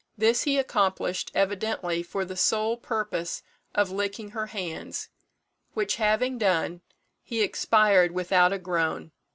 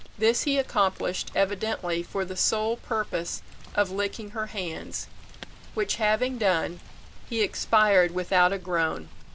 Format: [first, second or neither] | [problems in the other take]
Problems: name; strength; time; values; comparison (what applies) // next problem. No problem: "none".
first | background sound (Rain); 14 dB below the speech